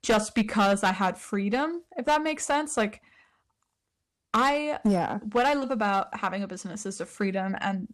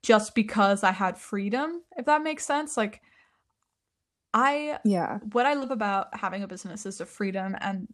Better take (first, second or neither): second